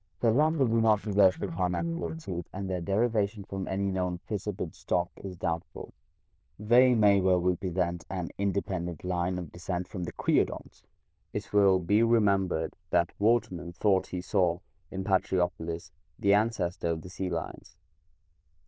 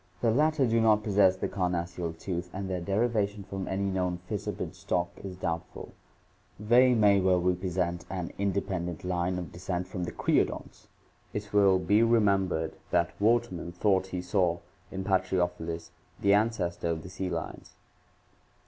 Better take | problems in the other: second | noise reduction (neural diffusion model UNIVERSE++)

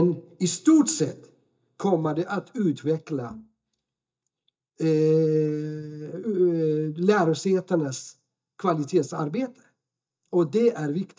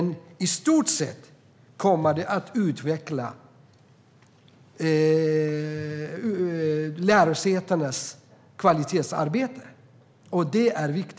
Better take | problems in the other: second | noise reduction (neural mask model DeepFilterNet 3)

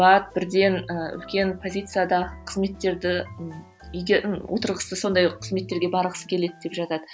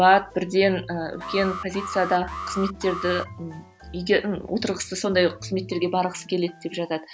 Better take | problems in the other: first | background sound (Alarm); 11 dB below the speech

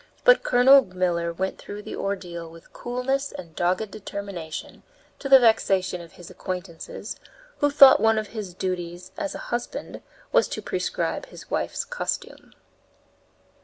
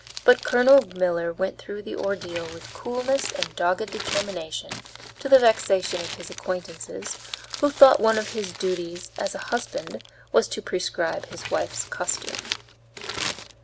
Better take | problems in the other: first | background sound (Crumpling, crinkling); 13 dB below the speech

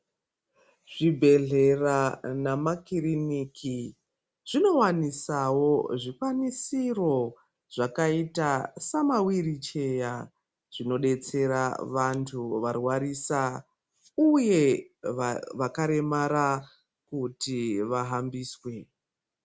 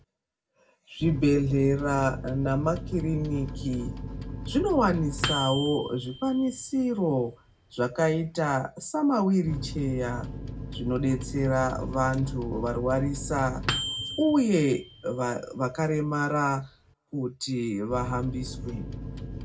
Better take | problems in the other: first | background sound (Microwave oven); 9 dB below the speech // room echo; dies away in 0.3 s

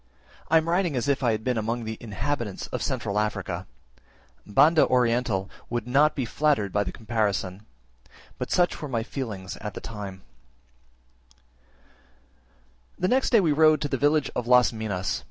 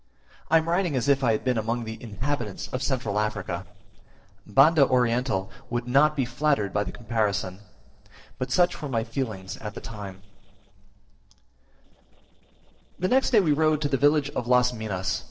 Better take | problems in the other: first | noise reduction (neural separator model SepFormer DNS4)

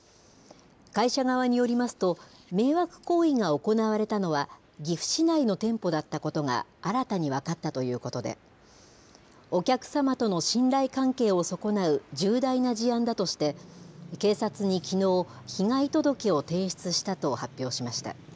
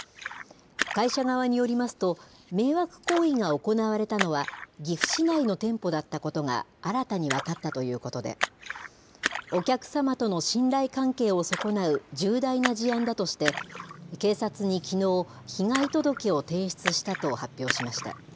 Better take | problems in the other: first | background sound (Splash, splatter); 10 dB below the speech

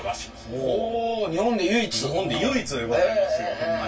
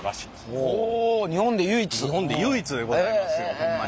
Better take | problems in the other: second | room echo; dies away in 0.2 s

